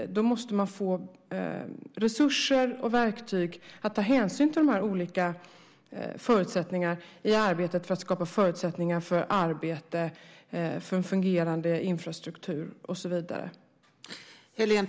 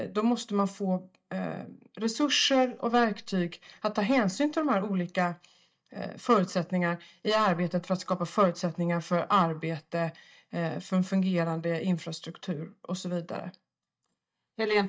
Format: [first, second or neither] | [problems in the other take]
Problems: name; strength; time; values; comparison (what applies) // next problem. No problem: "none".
first | noise reduction (neural mask model DeepFilterNet 3)